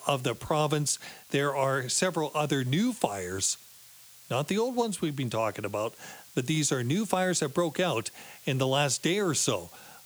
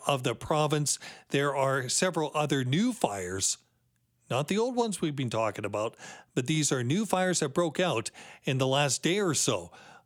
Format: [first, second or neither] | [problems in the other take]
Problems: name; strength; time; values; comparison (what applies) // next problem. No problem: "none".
second | hiss; faint; throughout; 20 dB below the speech